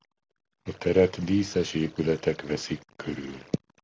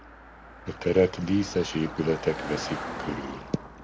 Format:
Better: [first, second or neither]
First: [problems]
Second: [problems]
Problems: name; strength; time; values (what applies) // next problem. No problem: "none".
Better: first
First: none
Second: background sound (Car passing by); 10 dB below the speech